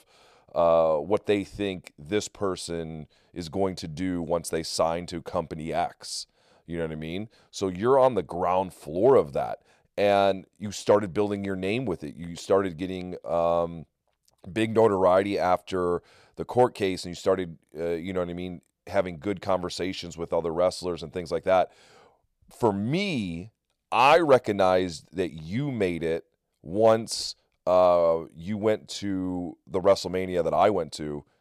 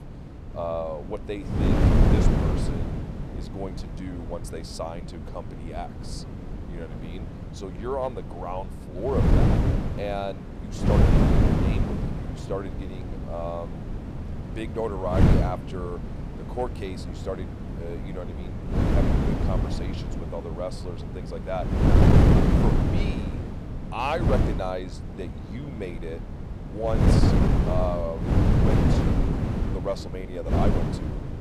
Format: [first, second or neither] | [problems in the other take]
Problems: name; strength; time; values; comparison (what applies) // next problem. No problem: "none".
first | wind noise on the microphone; heavy; 1 dB above the speech